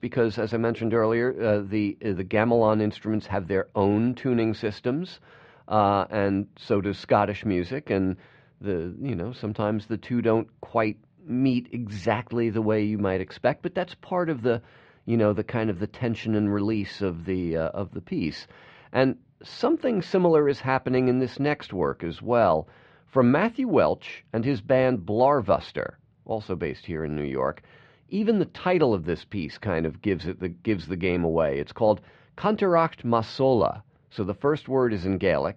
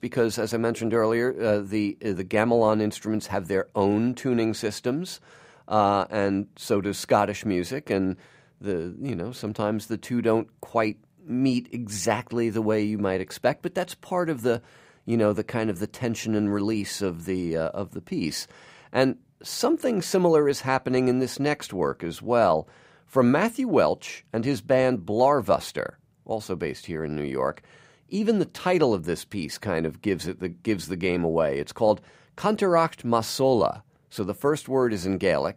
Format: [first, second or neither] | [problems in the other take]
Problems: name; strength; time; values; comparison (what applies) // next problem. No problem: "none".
second | muffled; slightly; fading above 4 kHz